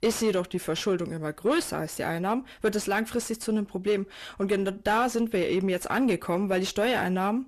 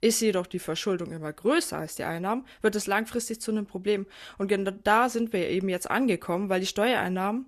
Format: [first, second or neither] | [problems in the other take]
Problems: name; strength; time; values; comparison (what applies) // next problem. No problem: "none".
second | distortion; slight; 10 dB below the speech